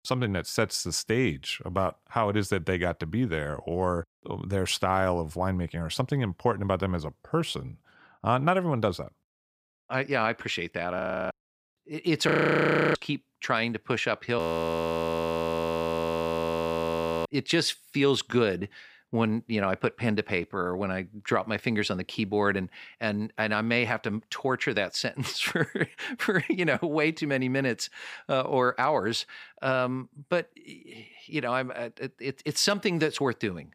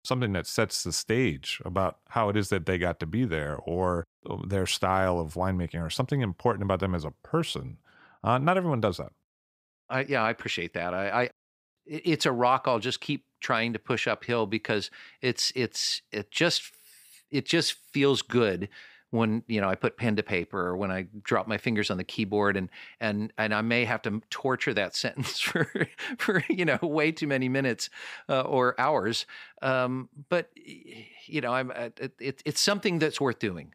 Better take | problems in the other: second | audio freezing; at 11 s, at 12 s for 0.5 s and at 14 s for 3 s

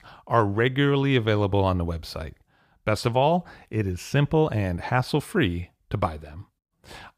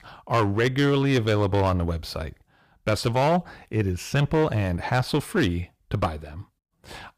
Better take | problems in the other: first | distortion; slight; 7% of the sound clipped

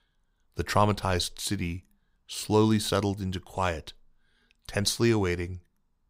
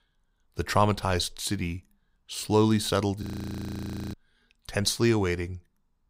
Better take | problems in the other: first | audio freezing; at 3 s for 1 s

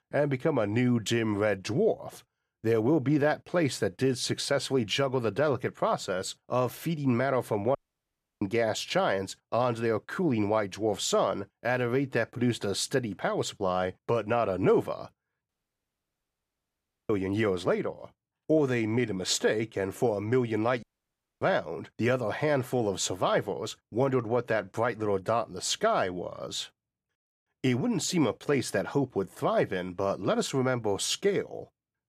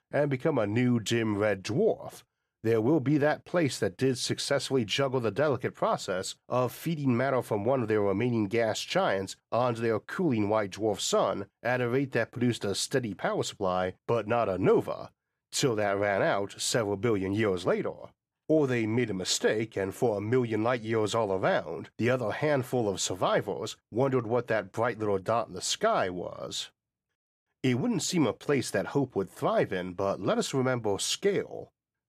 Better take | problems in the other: second | audio cutting out; at 8 s for 0.5 s, at 15 s for 1.5 s and at 21 s for 0.5 s

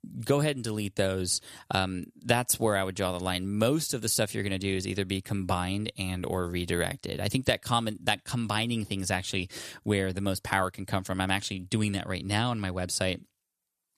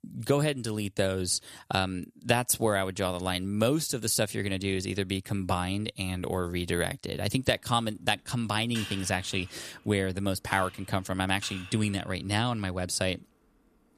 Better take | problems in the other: first | keyboard typing; noticeable; from 9 to 12 s; peak 8 dB below the speech

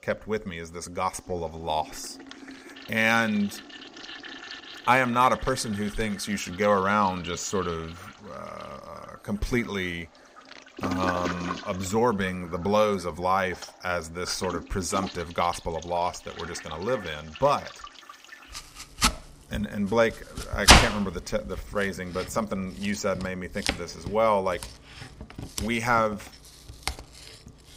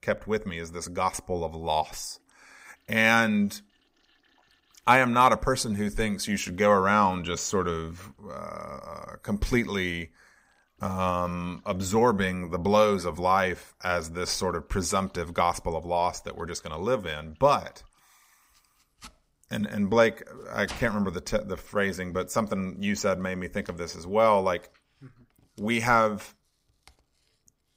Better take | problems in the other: second | household noises; loud; throughout; 1 dB below the speech; faint in the second

